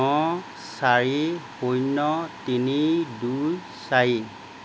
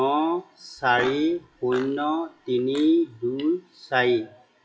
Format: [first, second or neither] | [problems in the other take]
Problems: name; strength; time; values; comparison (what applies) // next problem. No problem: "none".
first | noise reduction (classical method WPE with log-MMSE)